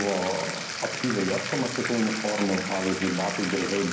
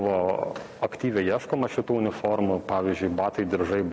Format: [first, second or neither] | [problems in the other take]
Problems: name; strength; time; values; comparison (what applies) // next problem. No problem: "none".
second | background sound (Bathtub (filling or washing)); 5 dB below the speech // room echo; dies away in 0.6 s